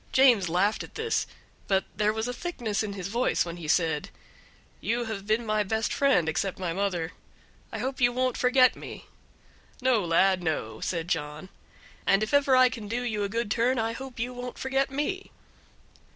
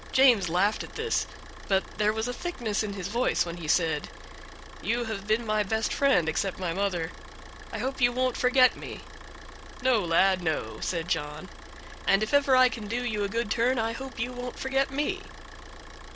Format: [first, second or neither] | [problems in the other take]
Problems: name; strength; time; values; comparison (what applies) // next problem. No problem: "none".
first | background sound (Idling / Car); 14 dB below the speech